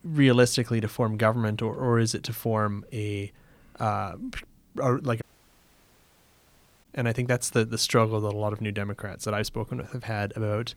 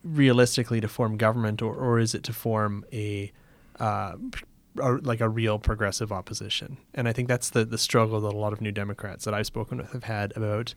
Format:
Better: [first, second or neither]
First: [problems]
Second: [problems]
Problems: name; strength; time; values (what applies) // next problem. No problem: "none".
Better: second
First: audio cutting out; at 5 s for 1.5 s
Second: none